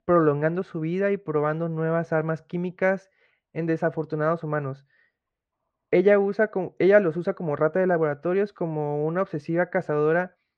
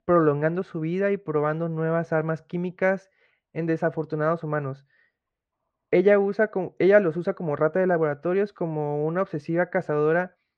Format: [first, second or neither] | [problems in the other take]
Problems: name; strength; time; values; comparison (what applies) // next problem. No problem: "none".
neither | muffled; very; fading above 2.5 kHz; the same in both